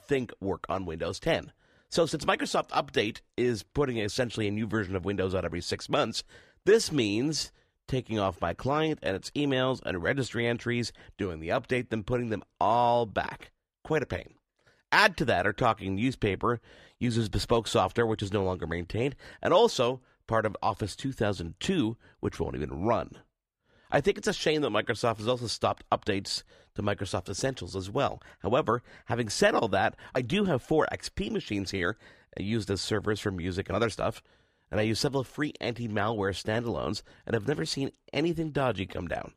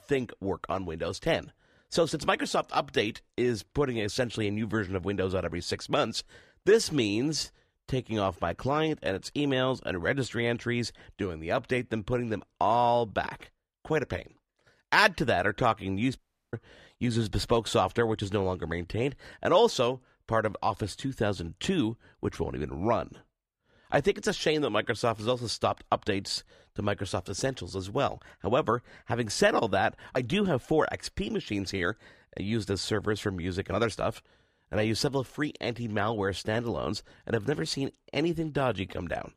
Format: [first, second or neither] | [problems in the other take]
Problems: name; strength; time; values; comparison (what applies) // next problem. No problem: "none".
first | audio cutting out; at 16 s